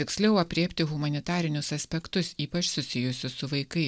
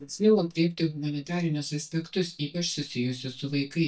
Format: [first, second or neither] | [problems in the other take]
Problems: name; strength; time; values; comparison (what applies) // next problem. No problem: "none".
first | noise reduction (neural mask model DeepFilterNet 3)